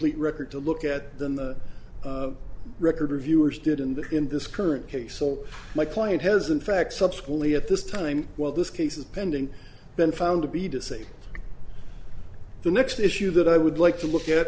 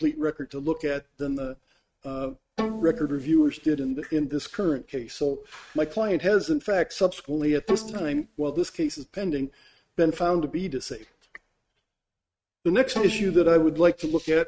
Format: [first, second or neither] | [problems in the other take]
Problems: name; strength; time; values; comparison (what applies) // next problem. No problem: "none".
first | noise reduction (neural mask model RNNoise)